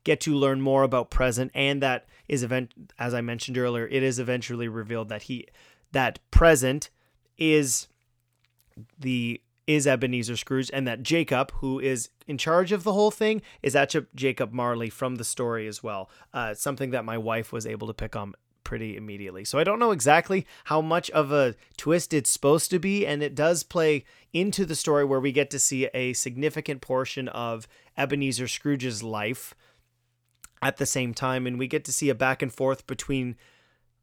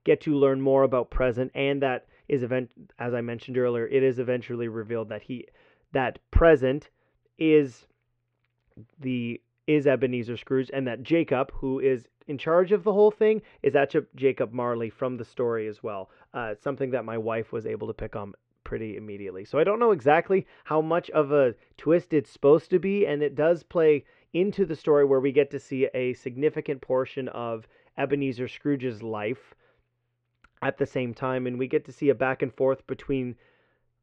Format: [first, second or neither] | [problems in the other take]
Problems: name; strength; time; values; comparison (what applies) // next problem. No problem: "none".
first | muffled; very; fading above 2.5 kHz